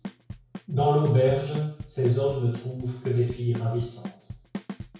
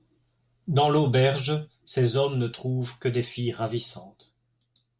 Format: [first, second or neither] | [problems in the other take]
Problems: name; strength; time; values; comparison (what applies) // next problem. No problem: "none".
second | background sound (Bass drum / Snare drum / Drum kit); 14 dB below the speech // room echo; dies away in 0.6 s